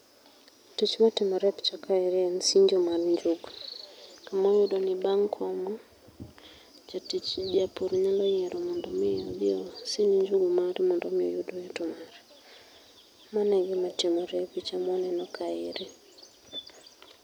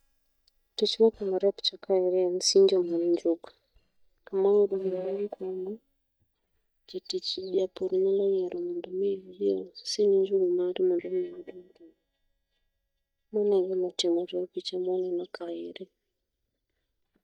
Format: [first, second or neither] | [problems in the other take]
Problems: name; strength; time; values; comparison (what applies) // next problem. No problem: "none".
first | noise reduction (neural mask model DeepFilterNet 3)